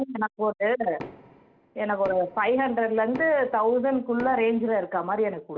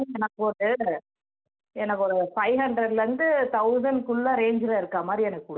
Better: second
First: background sound (Knock); 19 dB below the speech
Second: none

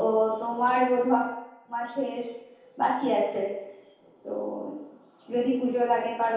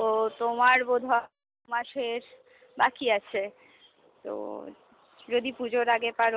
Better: second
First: room echo; dies away in 0.8 s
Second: none

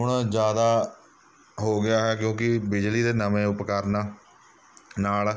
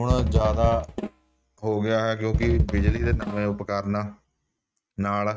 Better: first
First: none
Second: noise reduction (neural mask model RNNoise)

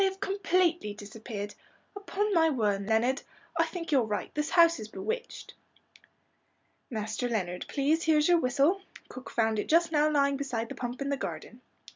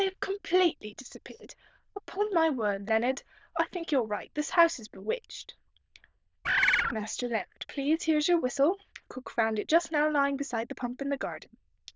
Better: first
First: none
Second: noise reduction (neural diffusion model UNIVERSE++)

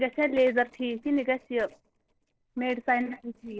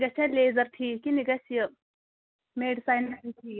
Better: second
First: noise reduction (neural separator model SepFormer DNS4)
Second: none

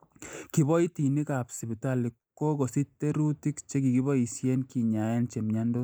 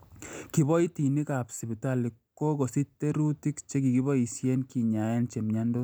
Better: second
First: noise reduction (neural mask model Resemble Enhance denoiser)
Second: none

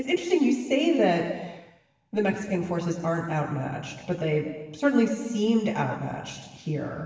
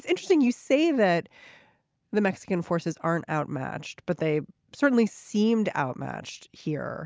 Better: second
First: room echo; dies away in 1.3 s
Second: none

